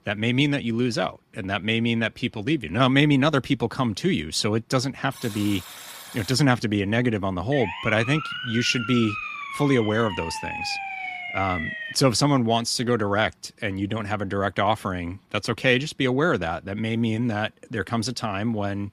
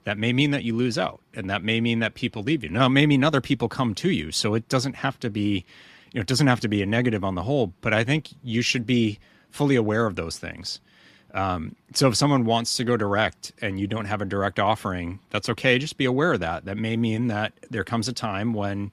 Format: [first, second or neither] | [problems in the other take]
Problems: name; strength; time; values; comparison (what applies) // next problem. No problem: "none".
second | alarm; faint; from 5 to 6.5 s; peak 15 dB below the speech // siren; noticeable; from 7.5 to 12 s; peak 5 dB below the speech